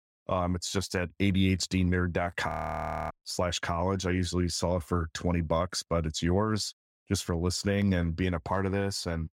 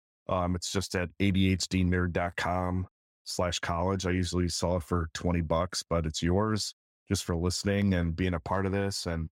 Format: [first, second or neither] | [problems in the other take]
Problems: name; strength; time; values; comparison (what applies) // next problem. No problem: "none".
second | audio freezing; at 2.5 s for 0.5 s